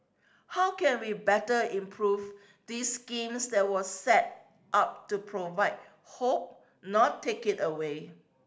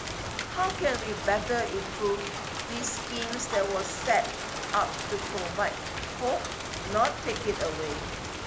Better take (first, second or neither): first